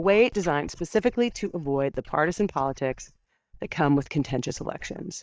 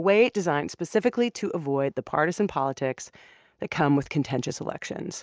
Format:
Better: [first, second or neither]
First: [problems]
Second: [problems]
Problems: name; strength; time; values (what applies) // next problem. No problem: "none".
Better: second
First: noise reduction (neural mask model DeepFilterNet 3)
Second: none